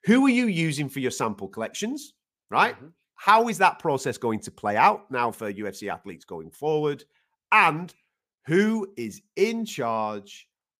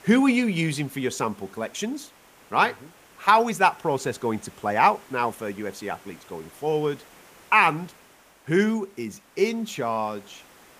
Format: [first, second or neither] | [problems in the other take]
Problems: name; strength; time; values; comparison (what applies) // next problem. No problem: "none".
first | hiss; faint; throughout; 25 dB below the speech